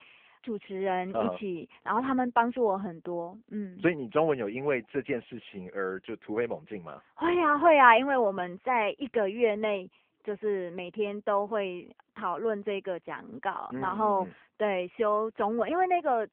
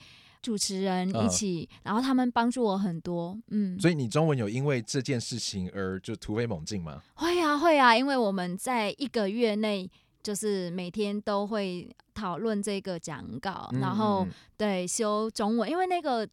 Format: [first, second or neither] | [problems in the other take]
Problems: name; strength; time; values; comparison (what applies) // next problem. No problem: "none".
second | phone-call audio; nothing above 3 kHz